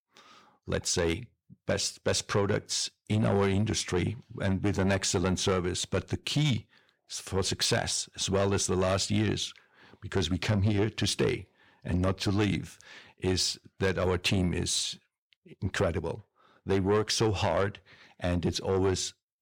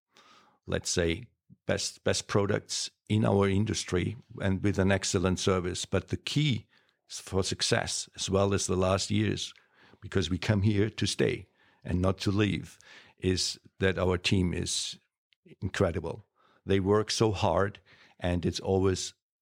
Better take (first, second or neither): second